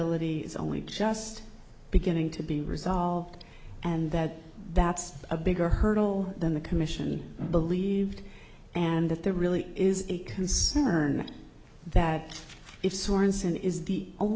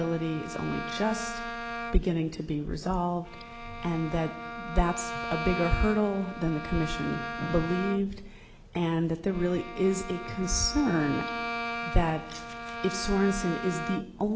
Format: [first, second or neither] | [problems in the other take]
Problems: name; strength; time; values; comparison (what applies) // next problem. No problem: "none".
first | background sound (Bowed string instrument); 8 dB below the speech